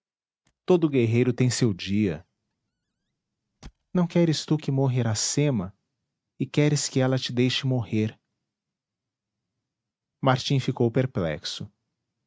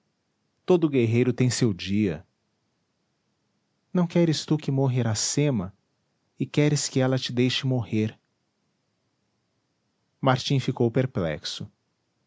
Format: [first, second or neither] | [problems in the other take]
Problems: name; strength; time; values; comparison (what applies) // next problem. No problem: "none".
second | noise reduction (neural mask model RNNoise)